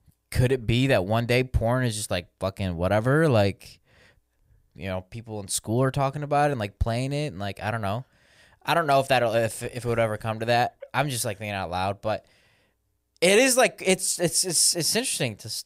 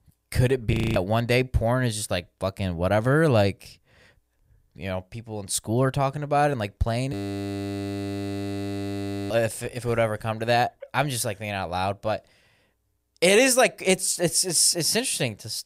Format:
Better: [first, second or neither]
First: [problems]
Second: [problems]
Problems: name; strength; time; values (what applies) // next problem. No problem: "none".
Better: first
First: none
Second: audio freezing; at 0.5 s and at 7 s for 2 s